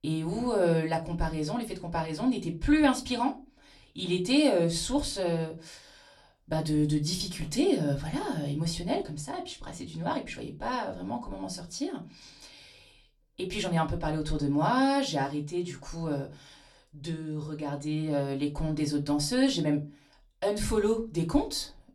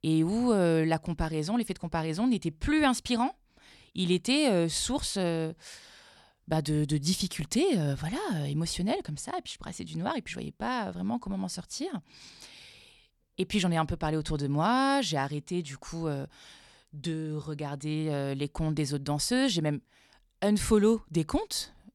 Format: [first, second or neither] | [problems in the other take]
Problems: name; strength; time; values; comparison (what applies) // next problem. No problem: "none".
second | off-mic speech; far // room echo; very slight; dies away in 0.2 s